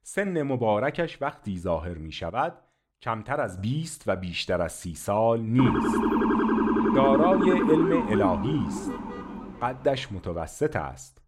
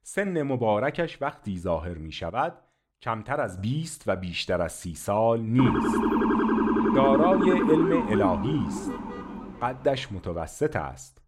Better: neither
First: siren; loud; from 5.5 to 9.5 s; peak 5 dB above the speech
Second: siren; loud; from 5.5 to 9.5 s; peak 5 dB above the speech

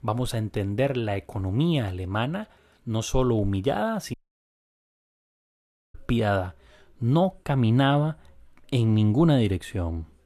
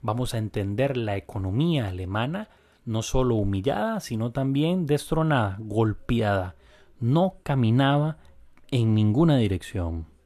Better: second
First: audio cutting out; at 4 s for 2 s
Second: none

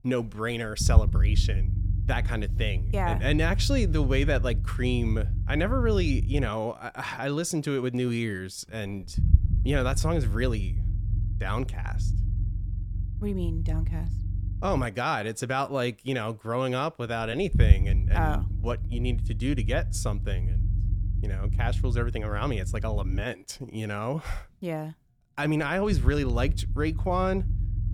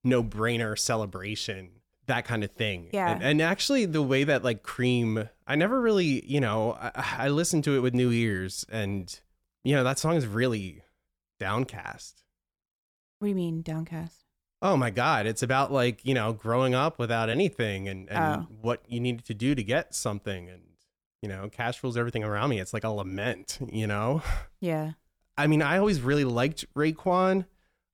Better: second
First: low rumble; noticeable; throughout; 15 dB below the speech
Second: none

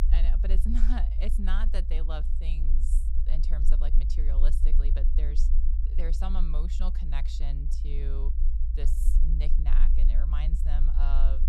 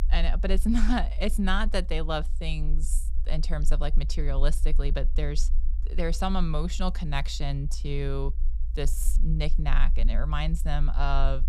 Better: second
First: low rumble; loud; throughout; 7 dB below the speech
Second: low rumble; faint; throughout; 20 dB below the speech

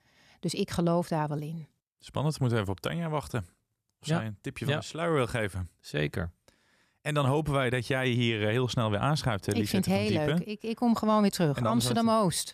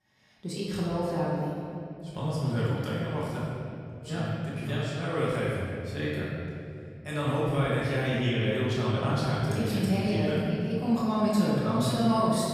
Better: first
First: none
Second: off-mic speech; far // room echo; strong; dies away in 2.4 s

